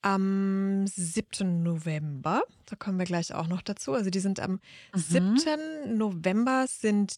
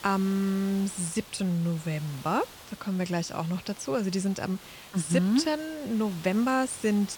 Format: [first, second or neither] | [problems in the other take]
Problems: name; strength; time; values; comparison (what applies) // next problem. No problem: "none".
first | hiss; noticeable; throughout; 15 dB below the speech